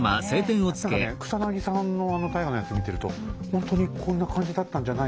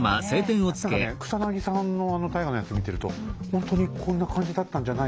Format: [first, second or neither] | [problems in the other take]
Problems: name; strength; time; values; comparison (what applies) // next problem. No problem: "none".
second | background sound (Meow + Organ); 19 dB below the speech